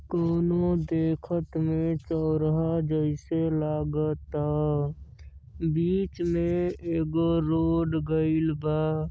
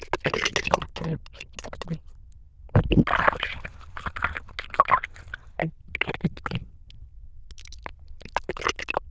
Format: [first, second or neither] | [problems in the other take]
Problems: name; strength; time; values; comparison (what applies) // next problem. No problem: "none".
first | noise reduction (neural diffusion model UNIVERSE++)